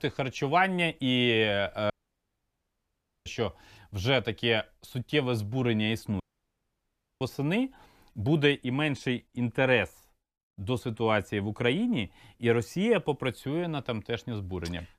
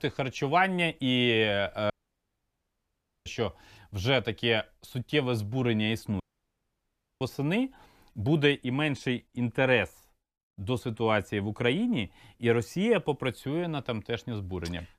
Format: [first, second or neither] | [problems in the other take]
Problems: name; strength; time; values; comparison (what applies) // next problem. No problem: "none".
neither | audio cutting out; at 2 s for 1.5 s and at 6 s for 1 s; the same in both